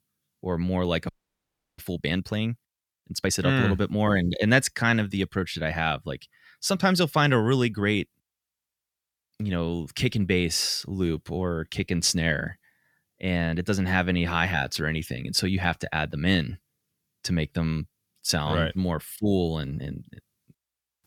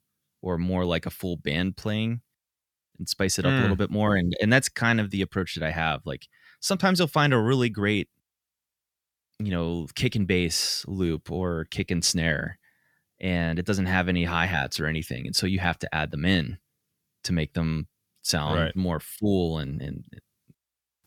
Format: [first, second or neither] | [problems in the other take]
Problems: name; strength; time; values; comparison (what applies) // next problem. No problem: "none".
second | audio freezing; at 1 s for 0.5 s